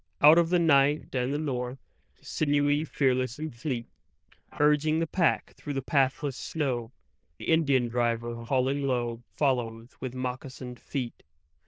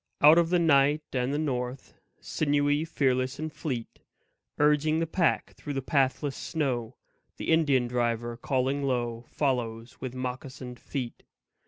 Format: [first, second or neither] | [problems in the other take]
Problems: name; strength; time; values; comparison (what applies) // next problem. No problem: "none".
second | noise reduction (neural diffusion model UNIVERSE++)